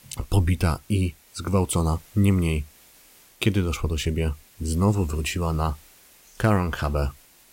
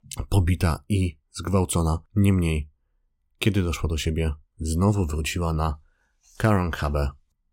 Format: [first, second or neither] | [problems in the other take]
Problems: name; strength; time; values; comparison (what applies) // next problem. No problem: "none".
second | hiss; faint; throughout; 25 dB below the speech